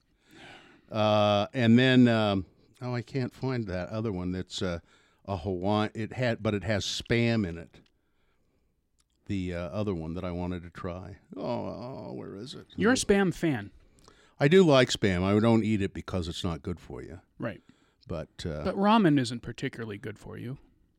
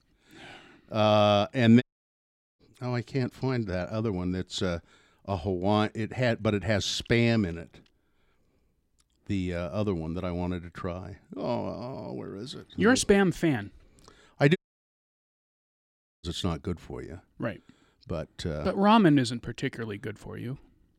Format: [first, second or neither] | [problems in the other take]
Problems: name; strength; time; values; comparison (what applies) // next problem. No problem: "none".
first | audio cutting out; at 2 s for 1 s and at 15 s for 1.5 s